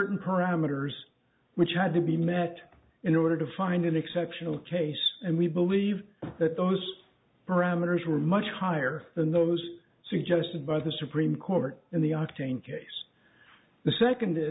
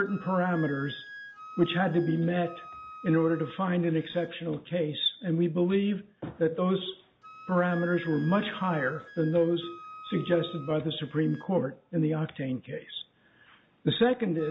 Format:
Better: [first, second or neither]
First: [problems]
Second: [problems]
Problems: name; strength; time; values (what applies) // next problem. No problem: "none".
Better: first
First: none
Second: background sound (Wind instrument, woodwind instrument); 19 dB below the speech